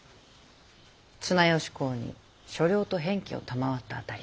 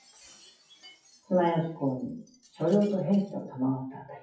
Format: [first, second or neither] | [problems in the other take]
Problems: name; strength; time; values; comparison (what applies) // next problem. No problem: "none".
first | noise reduction (classical method WPE with log-MMSE)